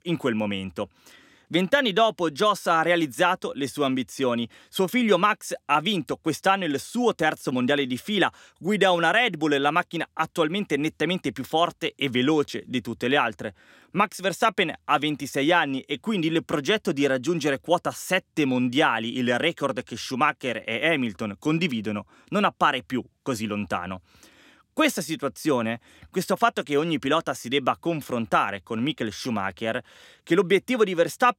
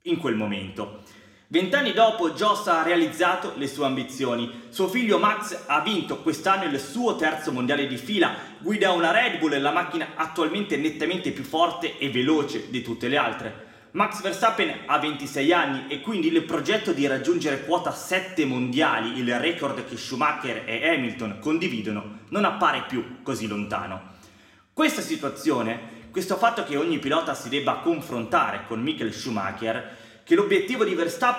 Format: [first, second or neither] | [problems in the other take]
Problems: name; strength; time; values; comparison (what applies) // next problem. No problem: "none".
first | room echo; slight; dies away in 0.9 s